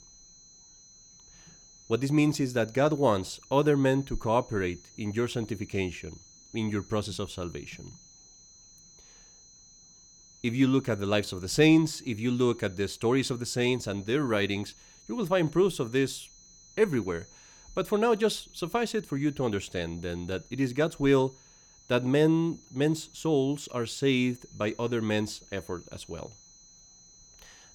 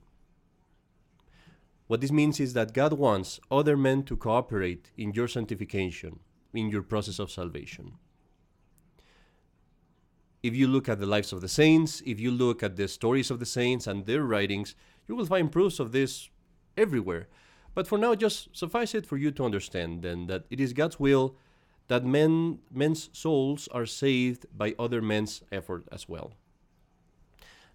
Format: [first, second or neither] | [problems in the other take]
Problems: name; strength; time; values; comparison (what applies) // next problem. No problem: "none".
second | high-pitched whine; faint; throughout; 6 kHz, 25 dB below the speech